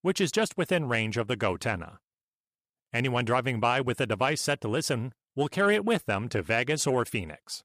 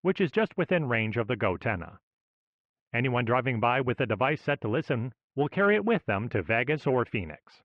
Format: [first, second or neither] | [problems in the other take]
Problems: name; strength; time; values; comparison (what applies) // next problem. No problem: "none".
first | muffled; very; fading above 2.5 kHz